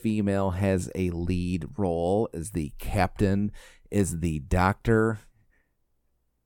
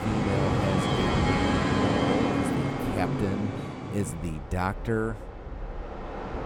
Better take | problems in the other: first | train or aircraft noise; very loud; throughout; 5 dB above the speech

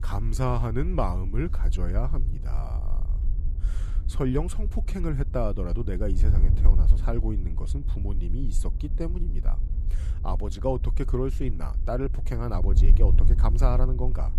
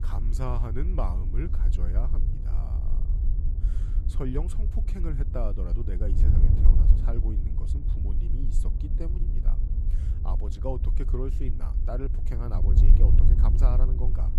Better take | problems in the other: first | wind noise on the microphone; heavy; 5 dB below the speech; occasional gusts in the first

